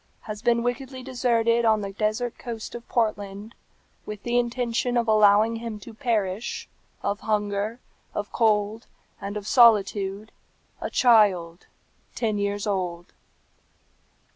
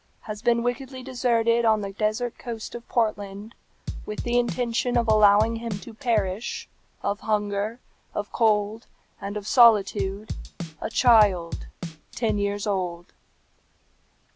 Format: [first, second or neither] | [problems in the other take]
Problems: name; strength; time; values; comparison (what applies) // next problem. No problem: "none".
first | background sound (Drum / Drum kit); 7 dB below the speech